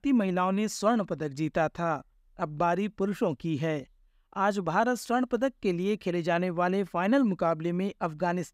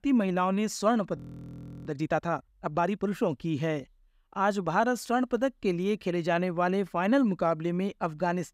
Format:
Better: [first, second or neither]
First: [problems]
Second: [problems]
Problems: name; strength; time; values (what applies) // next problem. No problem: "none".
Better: first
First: none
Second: audio freezing; at 1 s for 0.5 s